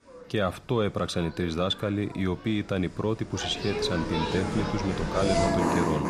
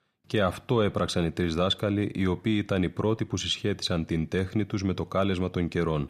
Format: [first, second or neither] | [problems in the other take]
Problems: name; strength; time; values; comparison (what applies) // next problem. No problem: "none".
second | animal sounds; very loud; throughout; as loud as the speech